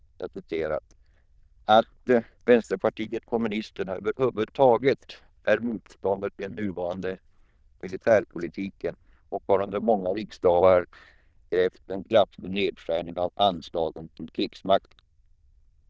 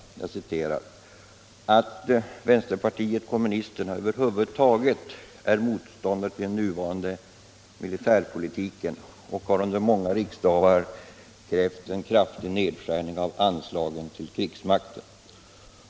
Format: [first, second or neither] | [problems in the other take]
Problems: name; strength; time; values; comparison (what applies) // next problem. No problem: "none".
second | noise reduction (neural diffusion model UNIVERSE++)